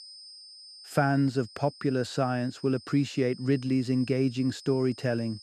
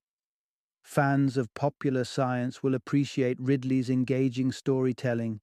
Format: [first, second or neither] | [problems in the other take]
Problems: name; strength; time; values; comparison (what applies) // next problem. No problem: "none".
second | high-pitched whine; noticeable; throughout; 5 kHz, 20 dB below the speech